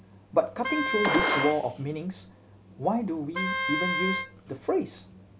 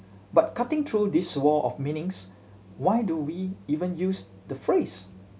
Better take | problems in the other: second | background sound (Gunshot, gunfire + Wind instrument, woodwind instrument); 1 dB below the speech

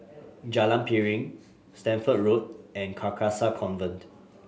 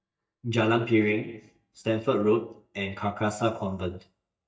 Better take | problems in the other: first | noise reduction (neural mask model DeepFilterNet 3)

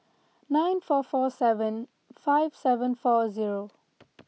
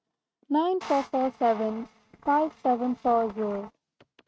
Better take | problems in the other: first | noise reduction (neural mask model RNNoise)

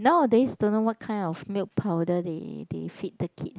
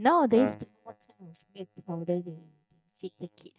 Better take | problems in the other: first | noise reduction (neural mask model DeepFilterNet 3)

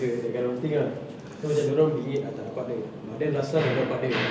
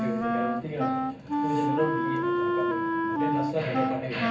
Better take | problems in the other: first | background sound (Wind instrument, woodwind instrument); 5 dB above the speech // room echo; dies away in 0.4 s

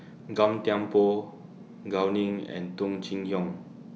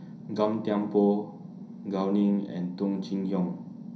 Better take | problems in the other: first | room echo; dies away in 0.3 s

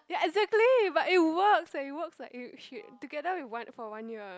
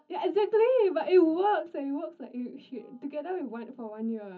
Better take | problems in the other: first | room echo; dies away in 0.4 s

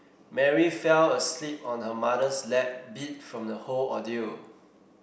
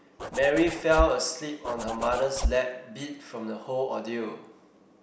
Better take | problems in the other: first | background sound (Zipper (clothing)); 4 dB below the speech

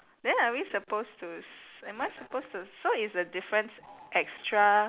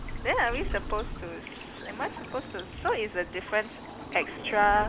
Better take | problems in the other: first | background sound (Stream / Bird vocalization, bird call, bird song); 8 dB below the speech

